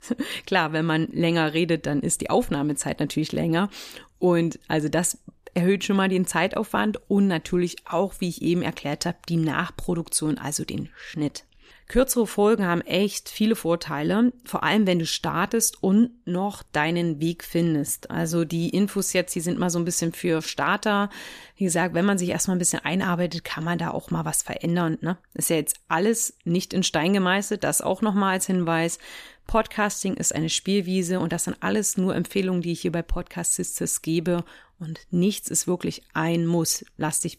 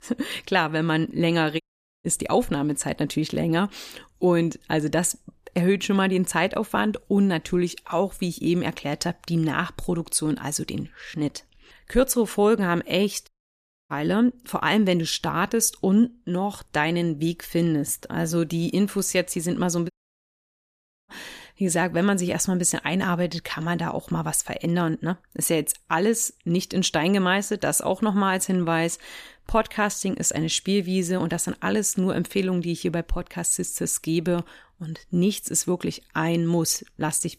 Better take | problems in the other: first | audio cutting out; at 1.5 s, at 13 s for 0.5 s and at 20 s for 1 s

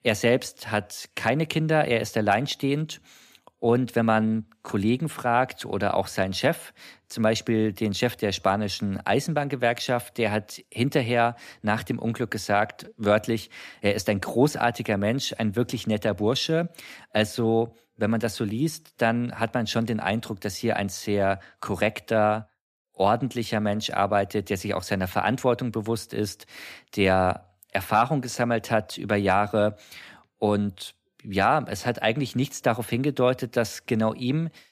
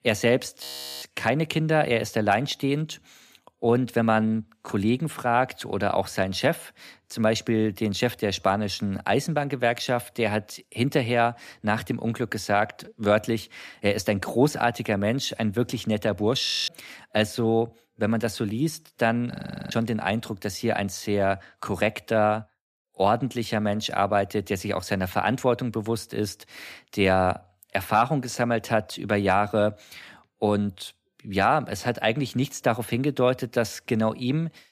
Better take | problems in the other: first | audio freezing; at 0.5 s, at 16 s and at 19 s

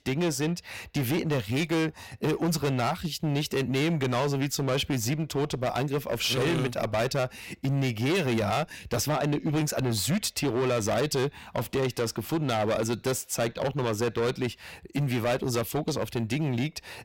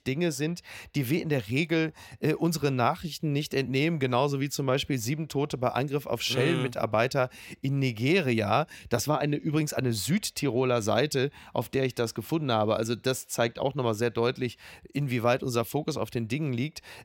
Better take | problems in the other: second | distortion; heavy; 16% of the sound clipped

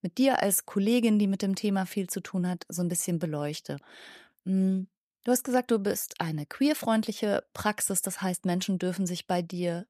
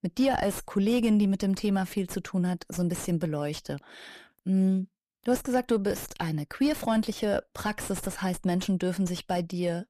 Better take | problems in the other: first | distortion; slight; 8 dB below the speech

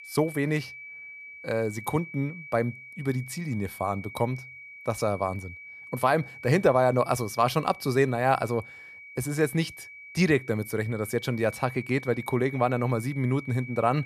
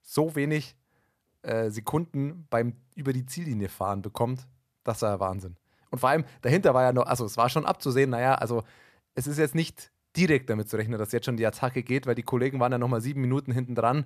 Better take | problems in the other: second | high-pitched whine; noticeable; throughout; 2.5 kHz, 15 dB below the speech

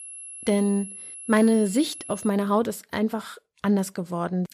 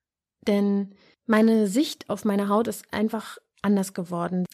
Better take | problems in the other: second | high-pitched whine; noticeable; until 2.5 s; 11 kHz, 10 dB below the speech

